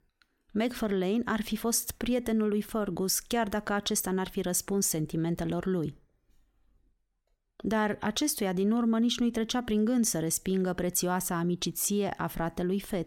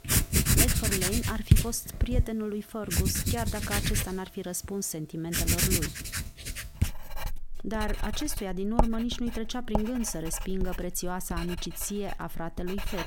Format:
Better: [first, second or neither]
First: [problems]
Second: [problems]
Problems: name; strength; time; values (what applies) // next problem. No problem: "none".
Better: first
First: none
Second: household noises; very loud; throughout; 4 dB above the speech